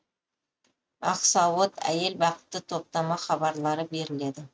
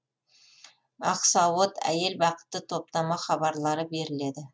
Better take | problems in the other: second | noise reduction (neural mask model RNNoise)

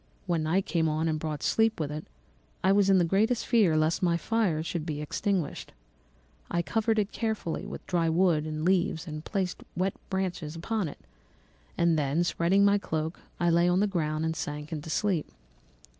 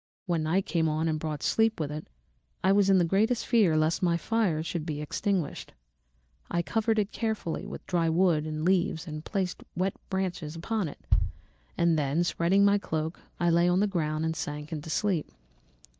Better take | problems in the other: first | noise reduction (neural mask model DeepFilterNet 3)

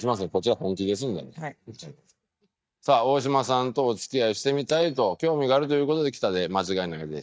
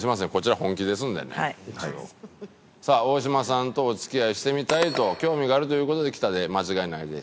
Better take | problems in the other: second | noise reduction (neural mask model DeepFilterNet 3)

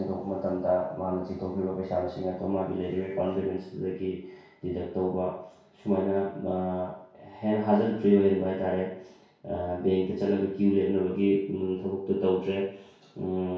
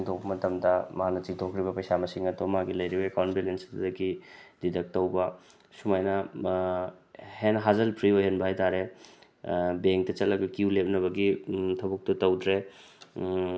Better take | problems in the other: second | room echo; dies away in 0.6 s

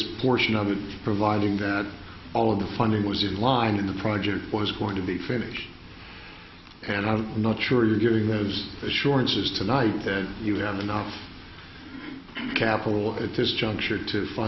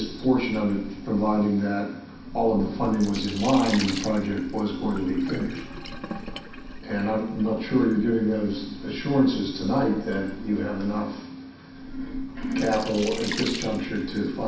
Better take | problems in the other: first | background sound (Sink (filling or washing)); 12 dB below the speech // room echo; dies away in 0.6 s

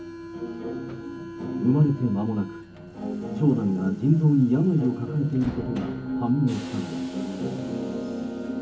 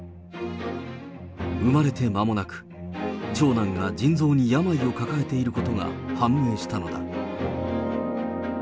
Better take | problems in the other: second | background sound (Subway, metro, underground); 17 dB below the speech // room echo; dies away in 0.3 s

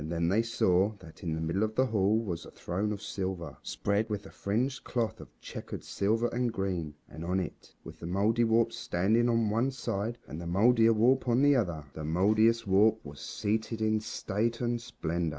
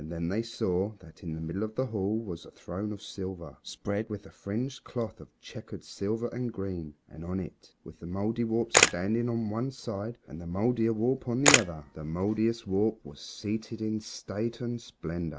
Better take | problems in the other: first | background sound (Camera); 3 dB above the speech

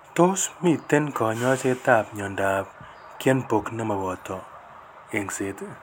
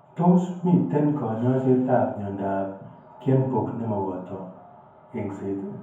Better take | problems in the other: first | room echo; dies away in 0.9 s

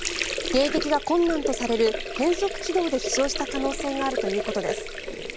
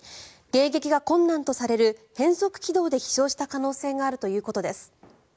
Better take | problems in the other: second | background sound (Sink (filling or washing) / Water); 5 dB below the speech

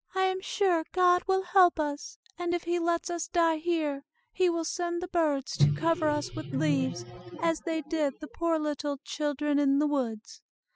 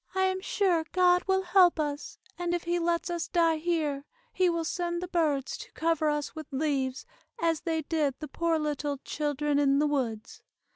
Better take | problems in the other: second | noise reduction (classical method spectral subtraction)

